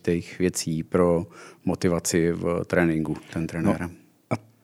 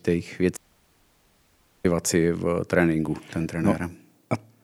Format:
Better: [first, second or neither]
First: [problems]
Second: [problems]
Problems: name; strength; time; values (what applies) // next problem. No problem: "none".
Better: first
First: none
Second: audio cutting out; at 0.5 s for 1.5 s